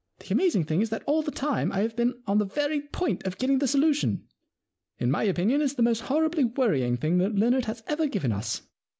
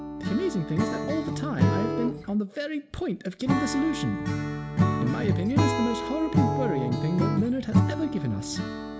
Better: first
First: none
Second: background sound (Acoustic guitar / Strum); 2 dB above the speech // room echo; dies away in 0.6 s

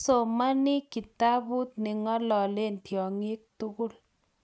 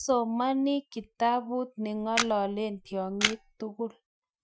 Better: first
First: none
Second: noise reduction (classical method Wiener filter)

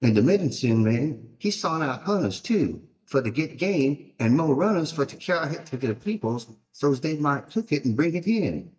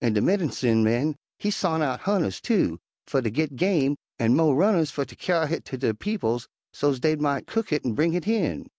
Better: second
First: noise reduction (neural mask model DeepFilterNet 3)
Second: none

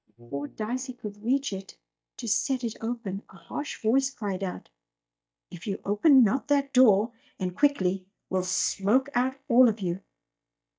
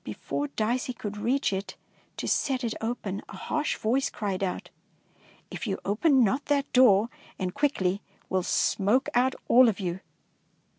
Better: second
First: noise reduction (neural mask model DeepFilterNet 3)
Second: none

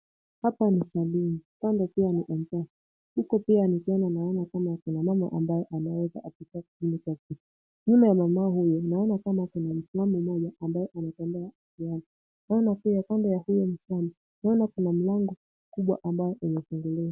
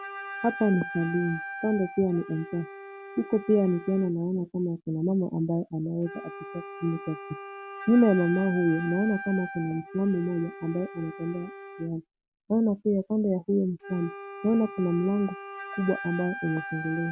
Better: first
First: none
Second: background sound (Wind instrument, woodwind instrument); 13 dB below the speech

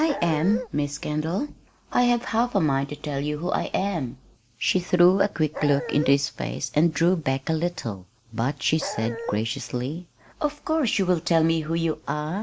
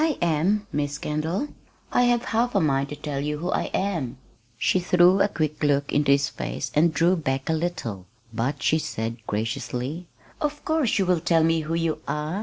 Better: second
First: background sound (Dog); 8 dB below the speech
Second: none

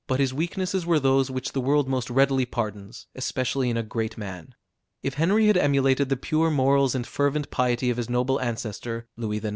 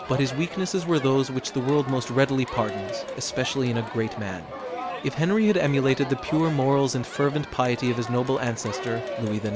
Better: first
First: none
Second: background sound (Crowd); 10 dB below the speech

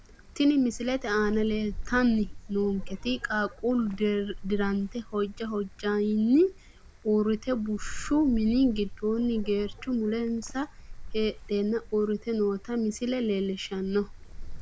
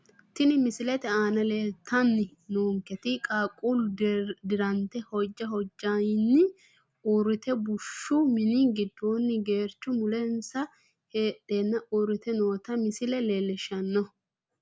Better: second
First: background sound (Wind); 12 dB below the speech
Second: none

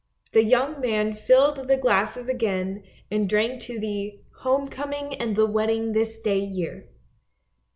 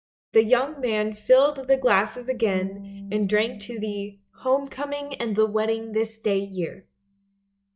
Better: first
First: none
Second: noise reduction (neural mask model DeepFilterNet 3)

